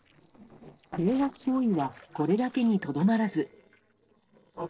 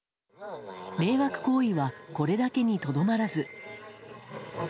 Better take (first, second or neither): second